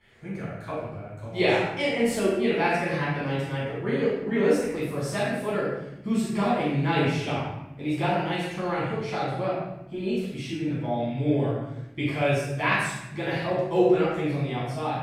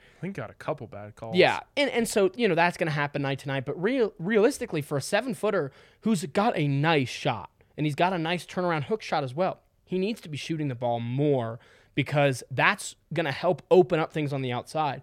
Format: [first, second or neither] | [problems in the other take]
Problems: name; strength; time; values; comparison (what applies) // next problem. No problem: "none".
second | off-mic speech; far // room echo; strong; dies away in 0.9 s